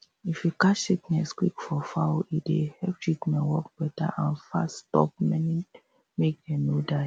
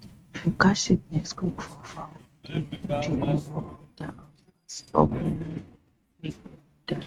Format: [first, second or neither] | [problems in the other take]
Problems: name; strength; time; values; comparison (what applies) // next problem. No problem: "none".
first | noise reduction (neural mask model RNNoise)